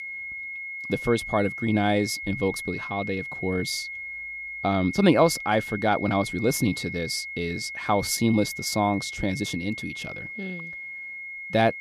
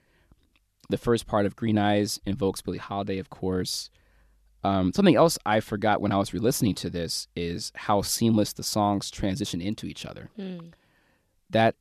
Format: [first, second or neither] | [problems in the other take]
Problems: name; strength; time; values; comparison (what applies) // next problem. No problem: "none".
second | high-pitched whine; loud; throughout; 2 kHz, 8 dB below the speech